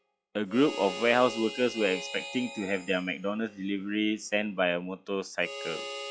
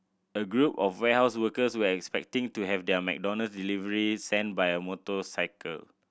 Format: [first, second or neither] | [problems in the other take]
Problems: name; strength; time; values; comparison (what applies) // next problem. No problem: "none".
second | noise reduction (classical method log-MMSE)